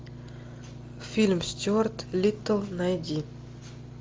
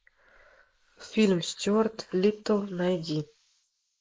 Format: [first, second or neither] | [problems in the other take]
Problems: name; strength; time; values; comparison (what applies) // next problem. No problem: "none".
first | noise reduction (neural mask model Resemble Enhance denoiser)